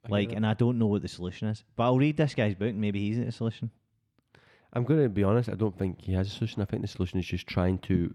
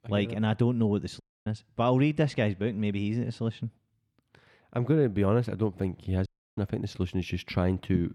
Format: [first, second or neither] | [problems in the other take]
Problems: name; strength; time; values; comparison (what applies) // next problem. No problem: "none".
first | audio cutting out; at 1 s and at 6.5 s